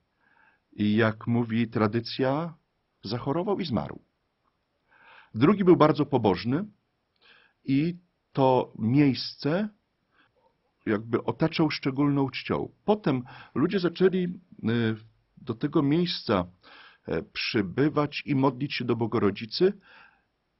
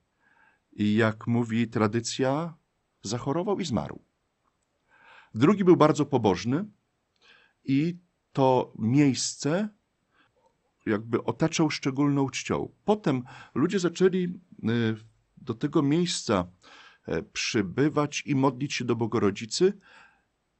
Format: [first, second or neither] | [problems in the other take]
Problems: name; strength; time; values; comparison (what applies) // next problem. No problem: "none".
second | garbled, watery; badly; nothing above 5.5 kHz; slightly in the second